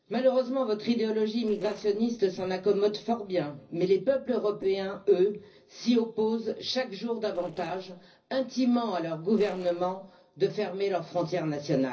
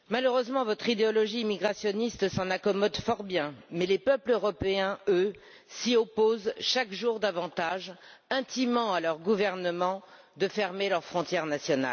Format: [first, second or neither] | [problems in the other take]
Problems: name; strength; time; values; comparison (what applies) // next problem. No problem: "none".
second | noise reduction (neural separator model SepFormer DNS4)